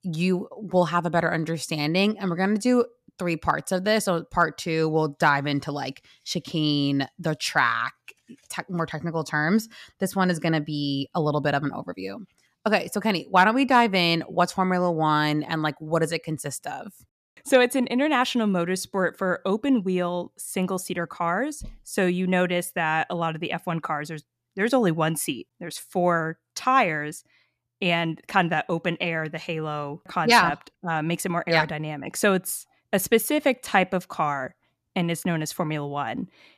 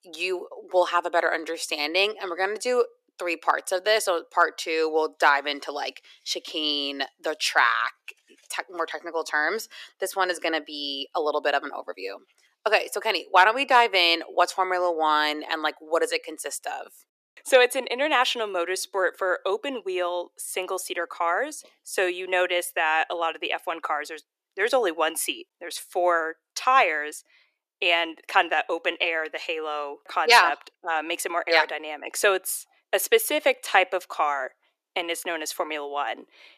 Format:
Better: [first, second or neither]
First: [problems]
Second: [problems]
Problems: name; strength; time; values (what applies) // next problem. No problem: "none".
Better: first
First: none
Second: thin; very; fading below 350 Hz